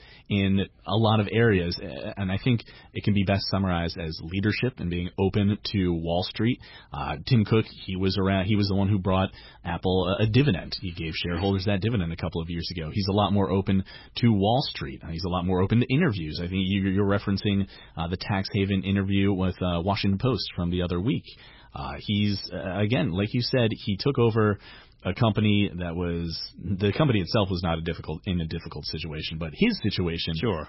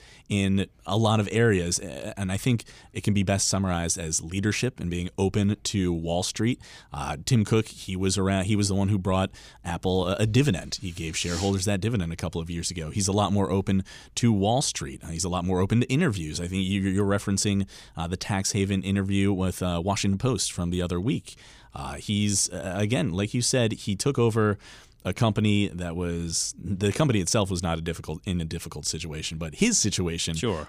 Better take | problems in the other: second | garbled, watery; badly; nothing above 5.5 kHz

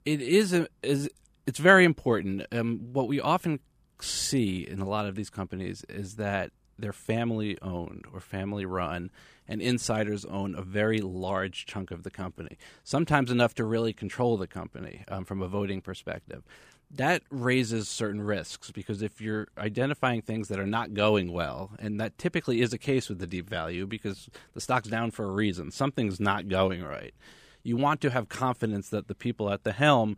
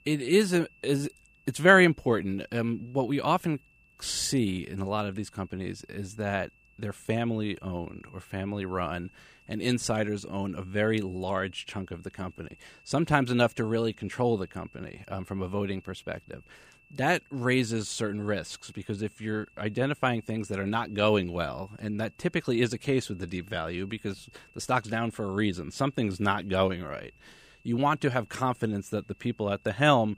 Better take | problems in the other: first | high-pitched whine; faint; throughout; 2.5 kHz, 30 dB below the speech

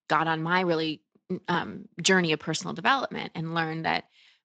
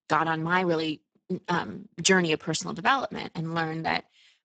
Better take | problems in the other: first | garbled, watery; badly; nothing above 8 kHz; slightly in the first

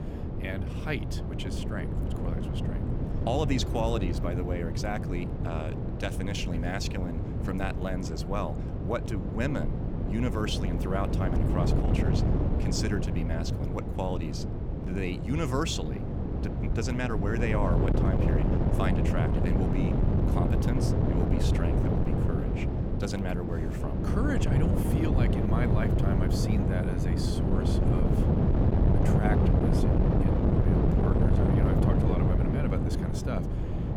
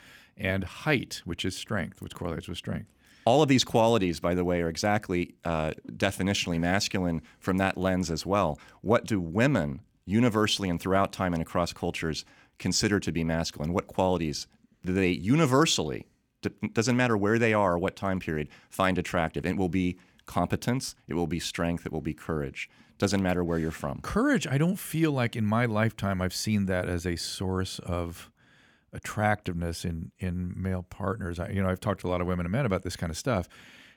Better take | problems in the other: second | wind noise on the microphone; heavy; as loud as the speech

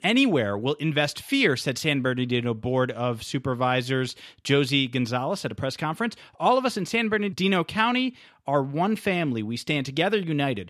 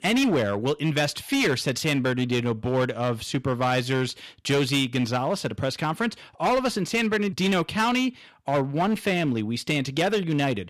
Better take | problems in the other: first | distortion; slight; 10% of the sound clipped

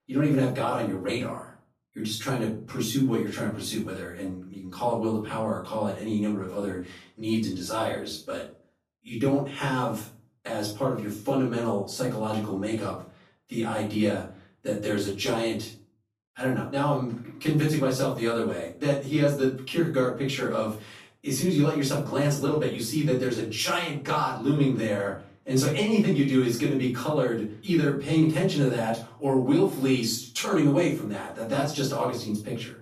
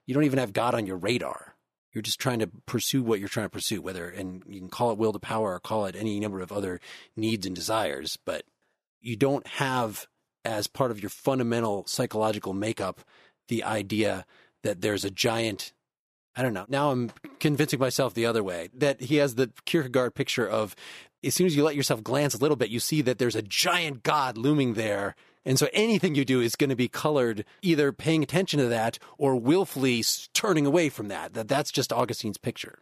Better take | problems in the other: second | off-mic speech; far // room echo; noticeable; dies away in 0.4 s

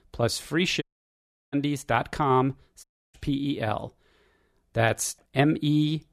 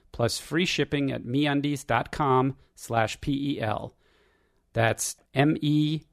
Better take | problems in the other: second | audio cutting out; at 1 s for 0.5 s and at 3 s

